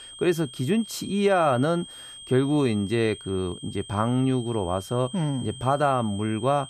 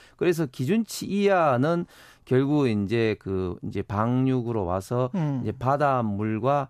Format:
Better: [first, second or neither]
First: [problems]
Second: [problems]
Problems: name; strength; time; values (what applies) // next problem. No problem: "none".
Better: second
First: high-pitched whine; noticeable; throughout; 3 kHz, 15 dB below the speech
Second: none